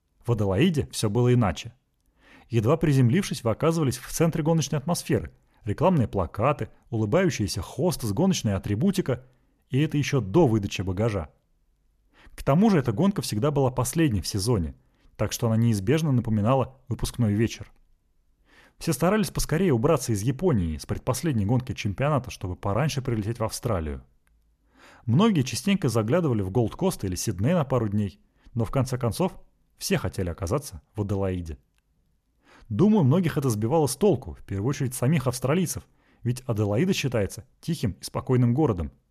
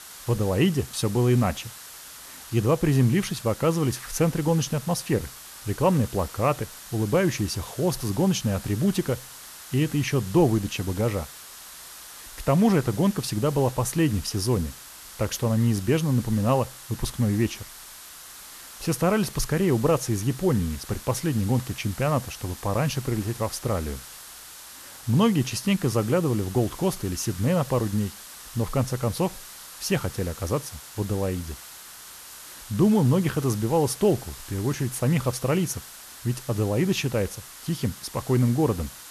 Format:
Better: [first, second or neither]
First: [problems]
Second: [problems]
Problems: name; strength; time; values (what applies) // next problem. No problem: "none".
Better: first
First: none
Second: hiss; noticeable; throughout; 15 dB below the speech